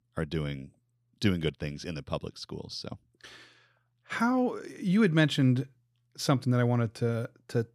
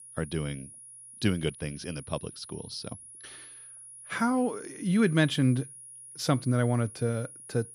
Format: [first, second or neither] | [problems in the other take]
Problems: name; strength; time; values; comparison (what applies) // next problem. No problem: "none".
first | high-pitched whine; noticeable; throughout; 10.5 kHz, 15 dB below the speech